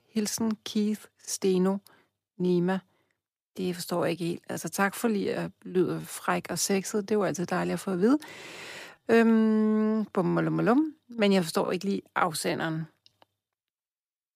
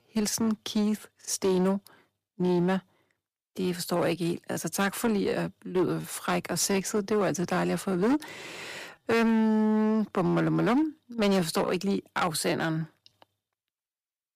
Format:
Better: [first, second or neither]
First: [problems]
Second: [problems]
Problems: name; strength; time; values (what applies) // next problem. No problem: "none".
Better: first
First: none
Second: distortion; slight; 10% of the sound clipped